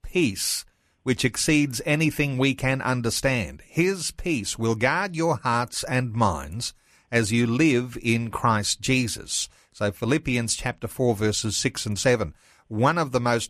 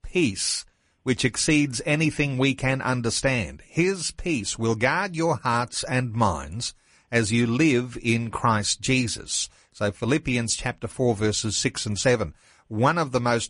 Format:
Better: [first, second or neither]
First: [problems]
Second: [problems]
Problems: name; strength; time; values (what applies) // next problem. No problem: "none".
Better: first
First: none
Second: garbled, watery; slightly; nothing above 10.5 kHz